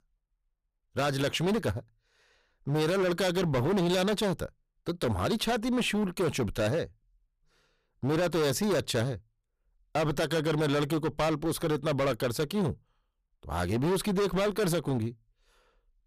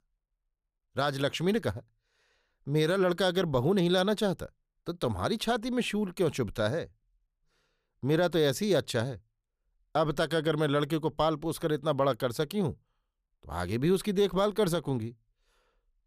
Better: second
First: distortion; heavy; 16% of the sound clipped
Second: none

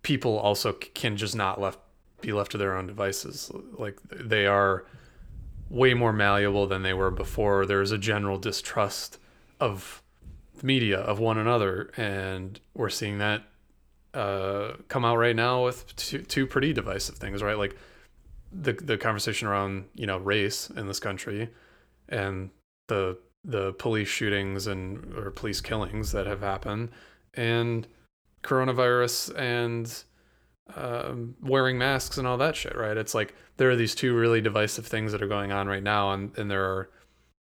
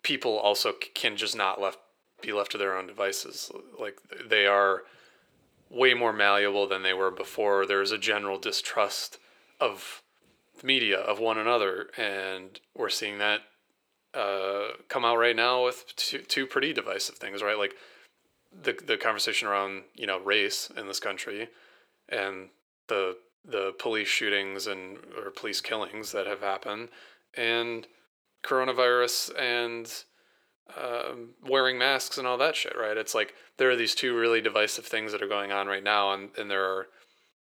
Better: first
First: none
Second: thin; somewhat; fading below 450 Hz

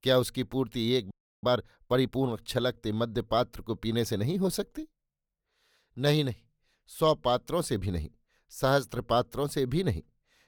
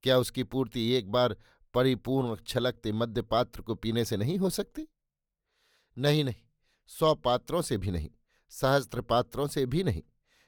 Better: second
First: audio freezing; at 1 s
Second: none

